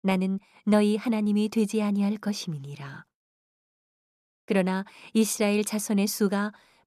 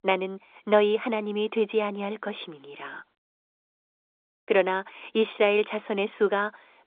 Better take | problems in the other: first | phone-call audio; nothing above 3.5 kHz

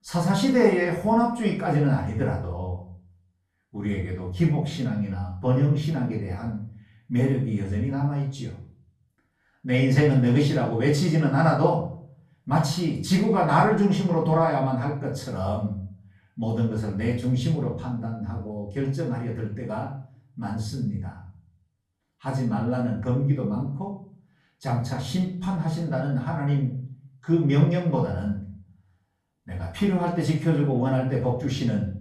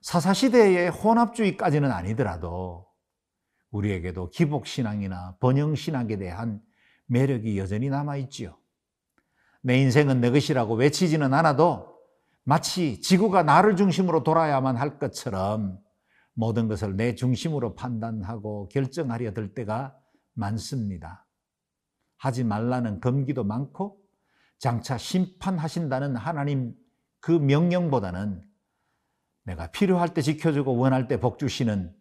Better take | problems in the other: second | off-mic speech; far // room echo; noticeable; dies away in 0.5 s

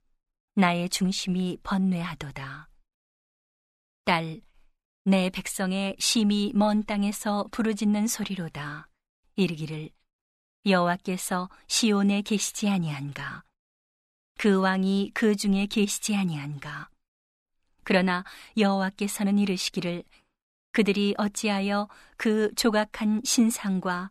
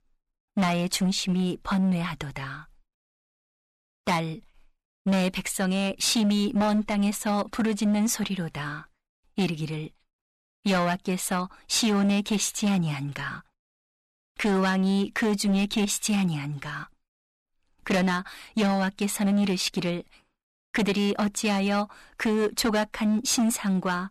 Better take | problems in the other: first | distortion; slight; 10% of the sound clipped

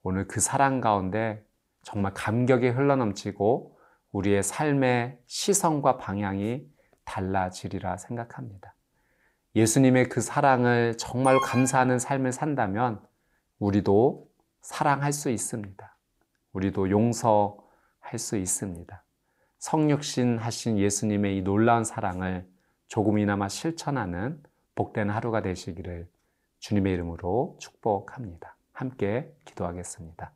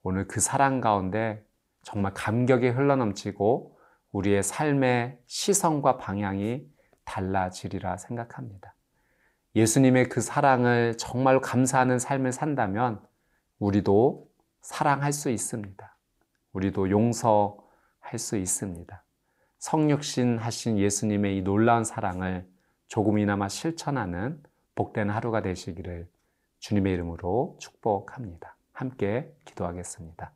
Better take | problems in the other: second | alarm; noticeable; at 11 s; peak 4 dB below the speech

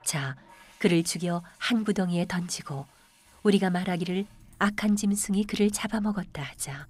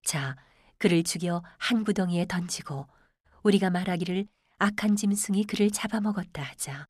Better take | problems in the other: second | household noises; faint; throughout; 30 dB below the speech

